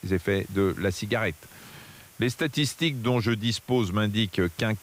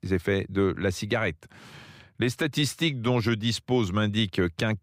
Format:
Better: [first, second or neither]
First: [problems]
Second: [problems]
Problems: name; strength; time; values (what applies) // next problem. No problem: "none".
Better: second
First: hiss; faint; throughout; 25 dB below the speech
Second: none